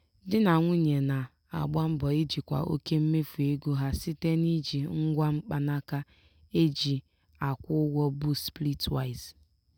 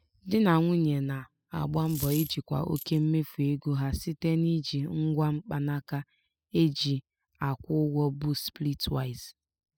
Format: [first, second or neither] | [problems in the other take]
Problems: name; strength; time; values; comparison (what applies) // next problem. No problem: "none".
first | noise reduction (classical method spectral subtraction)